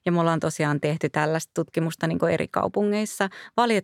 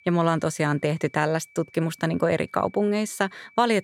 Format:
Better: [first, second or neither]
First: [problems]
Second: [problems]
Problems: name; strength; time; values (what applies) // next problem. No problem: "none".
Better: first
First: none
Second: high-pitched whine; faint; throughout; 2.5 kHz, 30 dB below the speech